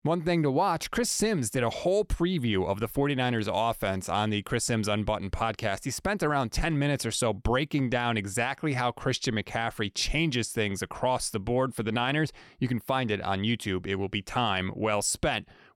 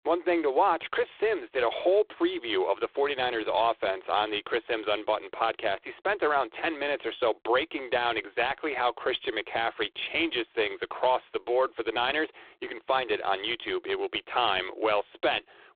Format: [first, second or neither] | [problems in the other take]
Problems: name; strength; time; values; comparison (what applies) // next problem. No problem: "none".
first | phone-call audio; poor line